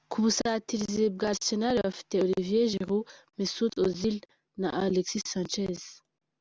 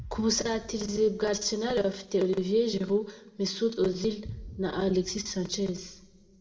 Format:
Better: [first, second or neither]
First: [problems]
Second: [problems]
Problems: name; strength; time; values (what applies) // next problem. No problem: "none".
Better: first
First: none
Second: background sound (Boom); 19 dB below the speech // room echo; dies away in 0.9 s